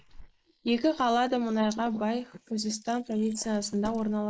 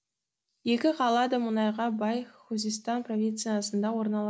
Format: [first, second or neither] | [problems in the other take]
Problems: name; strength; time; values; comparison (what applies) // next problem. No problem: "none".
second | noise reduction (neural mask model Resemble Enhance denoiser)